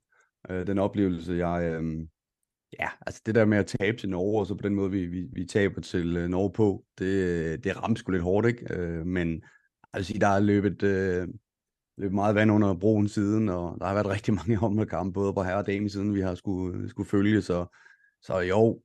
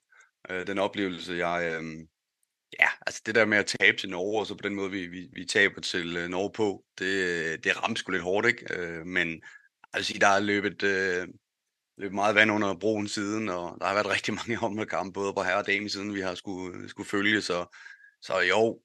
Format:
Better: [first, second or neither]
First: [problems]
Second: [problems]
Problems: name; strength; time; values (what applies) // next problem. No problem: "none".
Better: first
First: none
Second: thin; somewhat; fading below 850 Hz